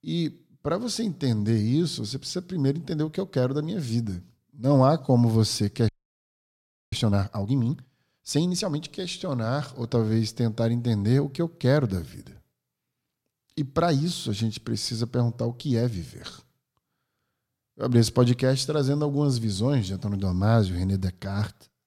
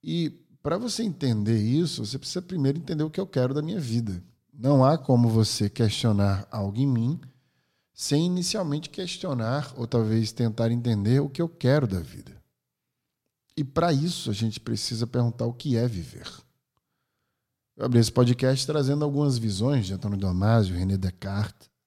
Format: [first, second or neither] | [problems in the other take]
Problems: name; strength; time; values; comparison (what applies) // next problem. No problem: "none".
second | audio freezing; at 6 s for 1 s